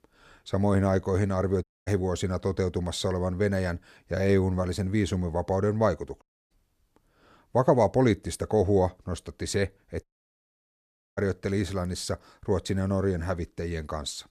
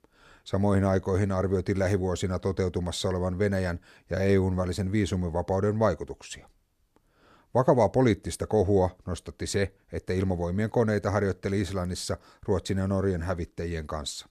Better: second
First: audio cutting out; at 1.5 s, at 6 s and at 10 s for 1 s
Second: none

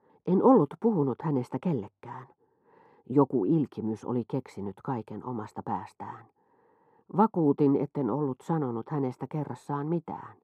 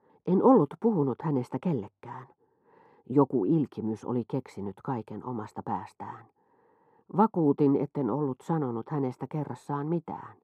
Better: neither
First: muffled; very; fading above 1.5 kHz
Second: muffled; very; fading above 1.5 kHz

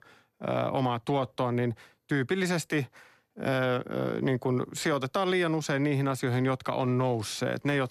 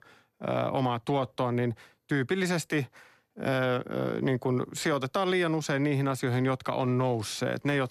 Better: neither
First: none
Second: none

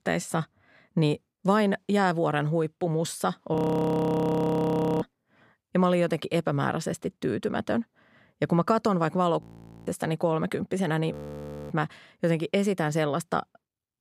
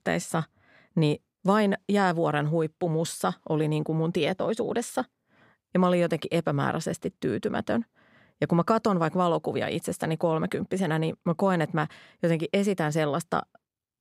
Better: second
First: audio freezing; at 3.5 s for 1.5 s, at 9.5 s and at 11 s for 0.5 s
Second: none

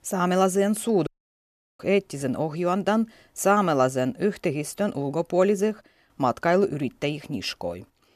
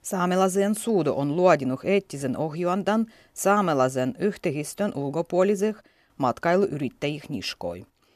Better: second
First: audio cutting out; at 1 s for 0.5 s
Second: none

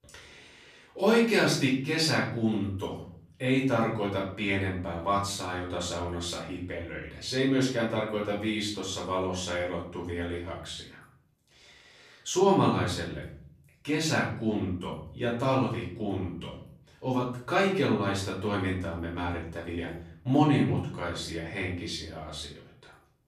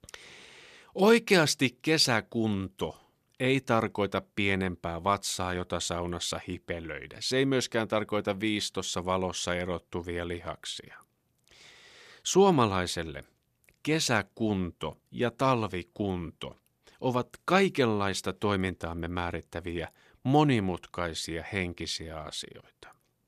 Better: second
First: off-mic speech; far // room echo; noticeable; dies away in 0.6 s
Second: none

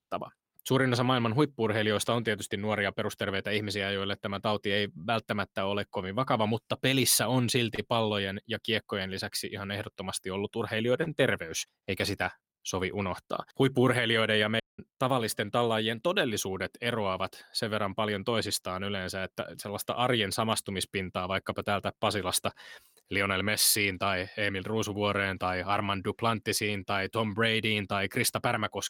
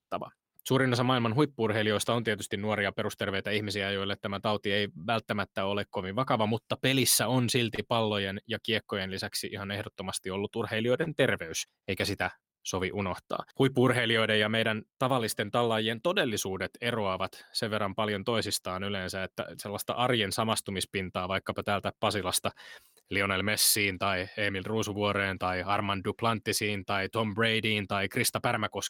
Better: second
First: audio cutting out; at 15 s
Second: none

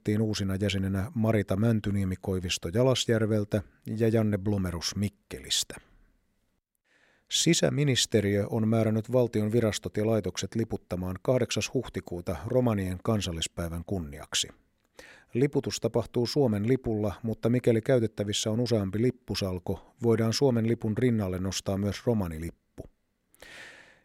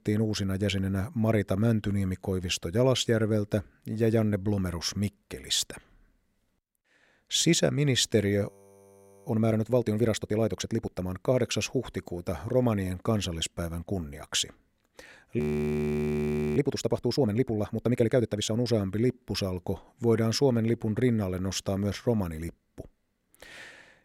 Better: first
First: none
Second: audio freezing; at 8.5 s for 1 s and at 15 s for 1 s

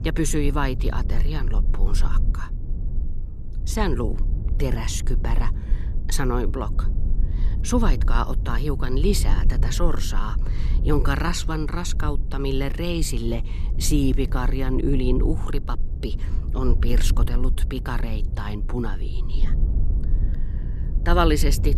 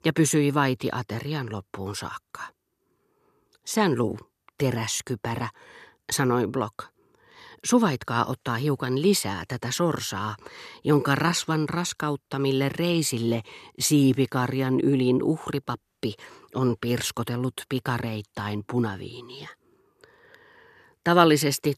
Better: second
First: low rumble; noticeable; throughout; 15 dB below the speech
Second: none

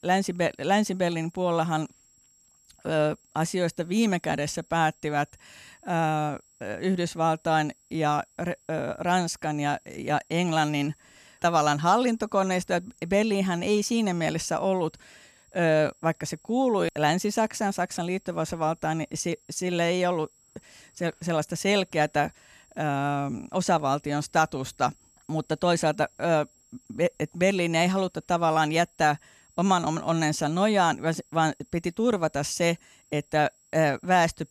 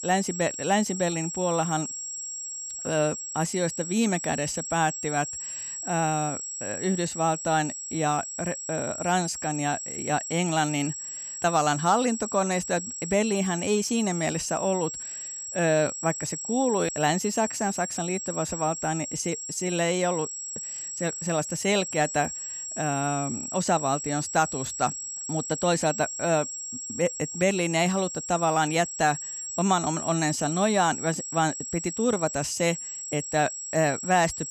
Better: first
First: high-pitched whine; faint; throughout; 7.5 kHz, 30 dB below the speech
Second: high-pitched whine; loud; throughout; 7.5 kHz, 6 dB below the speech

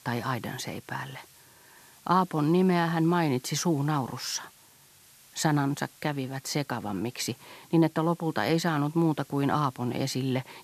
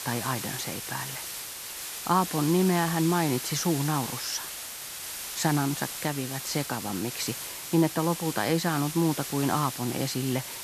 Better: first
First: hiss; faint; throughout; 25 dB below the speech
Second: hiss; loud; throughout; 6 dB below the speech

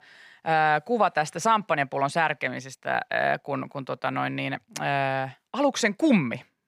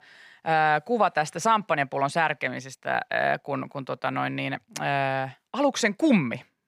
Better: neither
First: none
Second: none

